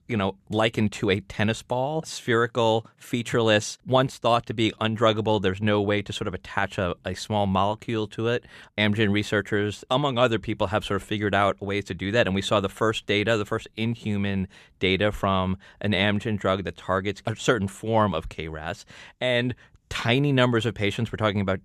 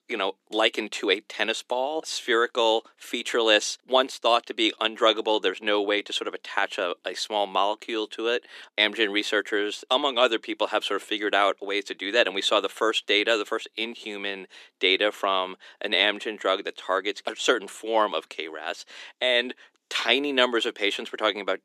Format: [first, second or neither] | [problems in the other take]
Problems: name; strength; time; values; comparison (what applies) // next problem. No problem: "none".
first | thin; somewhat; fading below 300 Hz